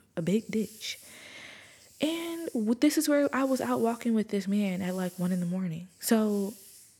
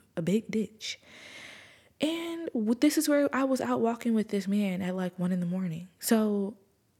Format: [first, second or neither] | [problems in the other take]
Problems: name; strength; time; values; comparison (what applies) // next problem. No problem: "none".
second | hiss; faint; throughout; 20 dB below the speech